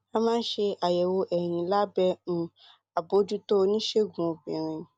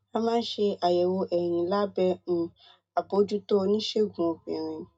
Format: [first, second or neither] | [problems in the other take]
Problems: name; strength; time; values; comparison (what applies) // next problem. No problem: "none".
first | room echo; dies away in 0.2 s